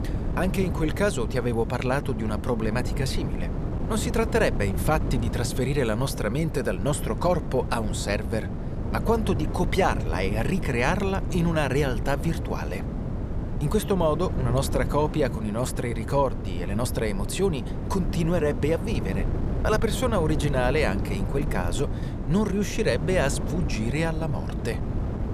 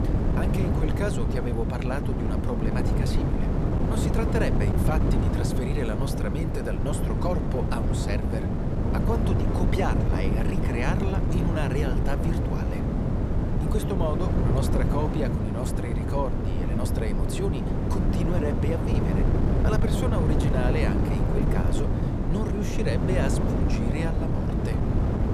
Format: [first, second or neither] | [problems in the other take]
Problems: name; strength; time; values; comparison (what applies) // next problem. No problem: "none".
first | wind noise on the microphone; heavy; 1 dB above the speech; occasional gusts in the first